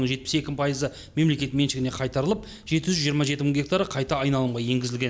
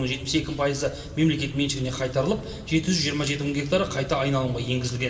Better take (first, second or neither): first